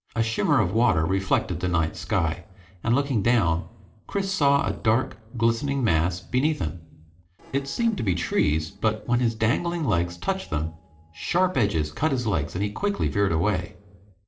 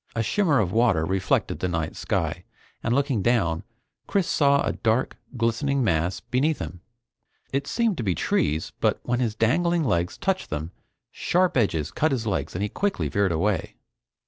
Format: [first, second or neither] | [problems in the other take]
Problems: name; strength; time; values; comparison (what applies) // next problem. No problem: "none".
second | noise reduction (neural separator model SepFormer DNS4)